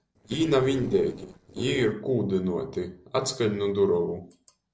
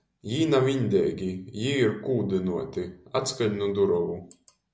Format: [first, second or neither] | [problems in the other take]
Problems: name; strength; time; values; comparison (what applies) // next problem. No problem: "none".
second | noise reduction (neural separator model SepFormer DNS4)